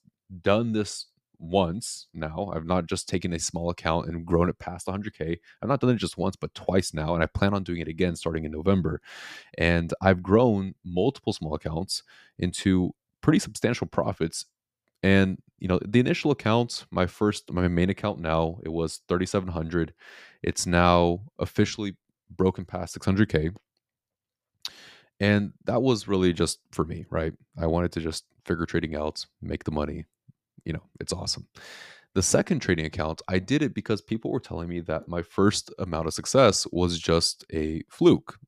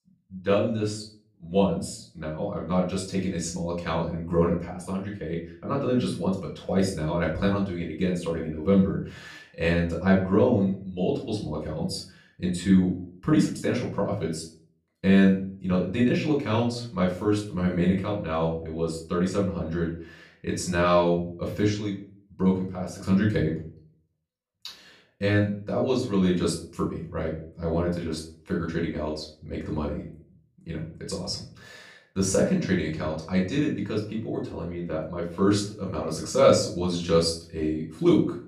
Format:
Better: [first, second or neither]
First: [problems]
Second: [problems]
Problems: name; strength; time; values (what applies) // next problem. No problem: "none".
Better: first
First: none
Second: off-mic speech; far // room echo; slight; dies away in 0.4 s